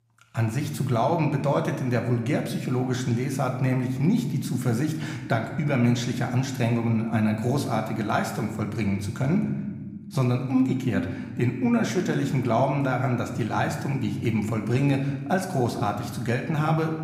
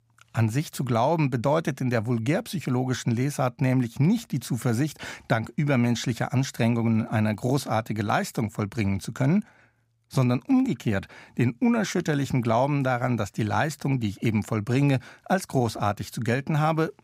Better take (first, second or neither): second